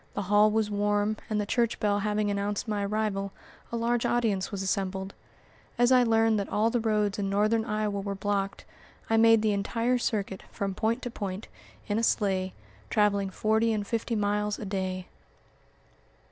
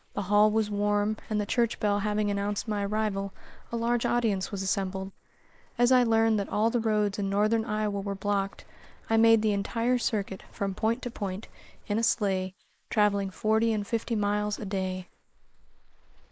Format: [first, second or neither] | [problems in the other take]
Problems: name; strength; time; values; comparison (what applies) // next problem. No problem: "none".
first | noise reduction (neural mask model Resemble Enhance denoiser)